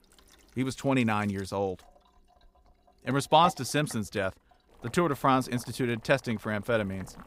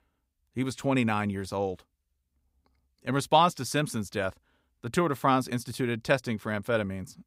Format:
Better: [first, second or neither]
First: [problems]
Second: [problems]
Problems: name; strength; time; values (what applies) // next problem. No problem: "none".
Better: second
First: household noises; noticeable; throughout; 20 dB below the speech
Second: none